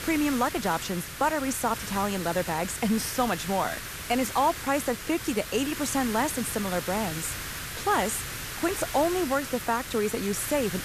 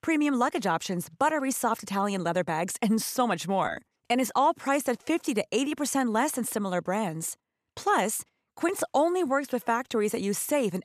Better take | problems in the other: second | hiss; loud; throughout; 7 dB below the speech

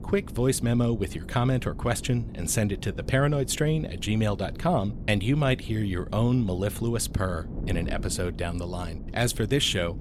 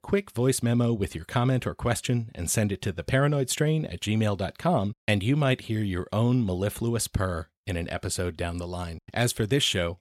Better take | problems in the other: second | wind noise on the microphone; occasional gusts; 15 dB below the speech

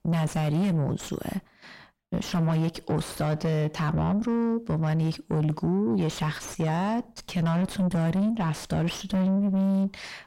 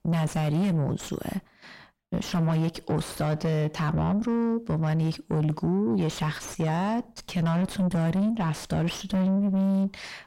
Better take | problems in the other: neither | distortion; heavy; 6 dB below the speech; the same in both

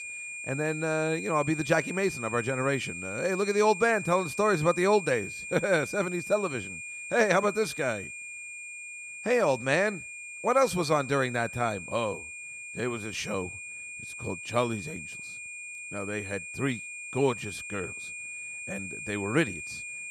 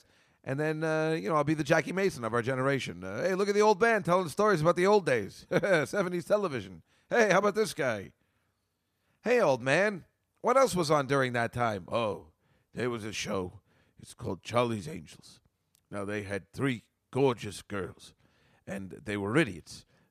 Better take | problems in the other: second | high-pitched whine; loud; throughout; 2.5 kHz, 9 dB below the speech

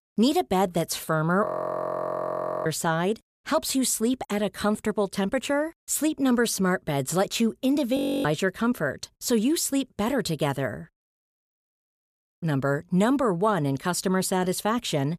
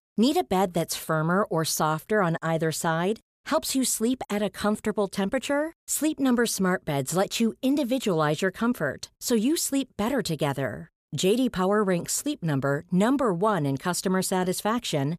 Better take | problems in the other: second | audio freezing; at 1.5 s for 1 s, at 8 s and at 11 s for 1.5 s

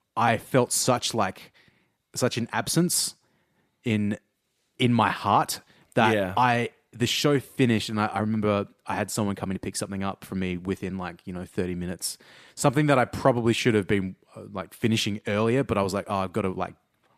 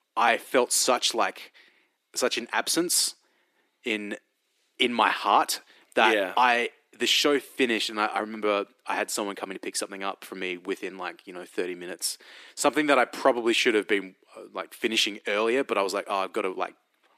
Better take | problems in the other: first | thin; somewhat; fading below 300 Hz

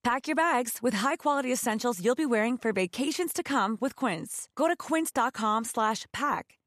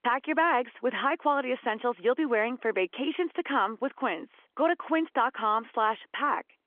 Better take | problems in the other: first | phone-call audio; nothing above 3.5 kHz

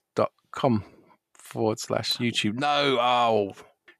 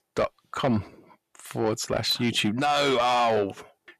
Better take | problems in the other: first | distortion; slight; 10 dB below the speech

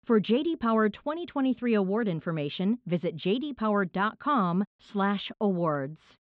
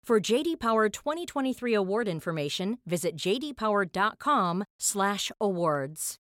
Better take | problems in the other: second | muffled; very; fading above 3.5 kHz

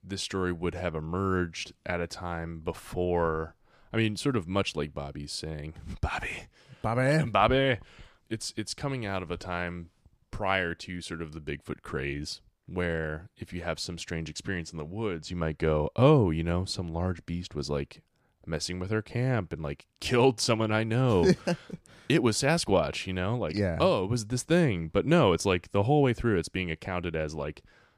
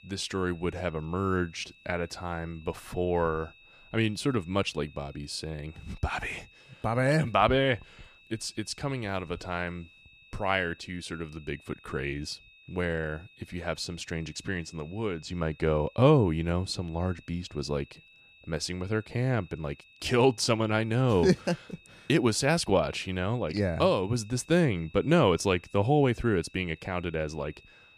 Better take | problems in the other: first | high-pitched whine; faint; throughout; 2.5 kHz, 25 dB below the speech

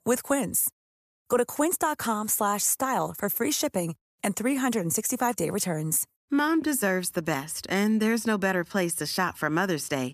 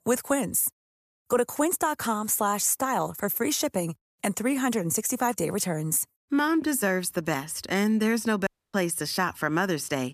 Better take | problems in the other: first | audio cutting out; at 8.5 s

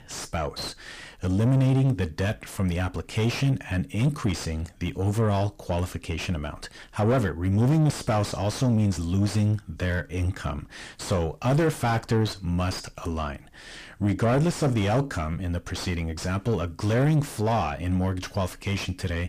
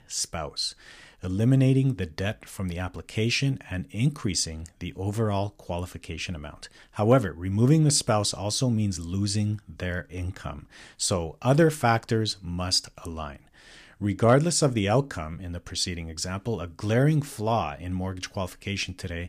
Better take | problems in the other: second | distortion; heavy; 5 dB below the speech

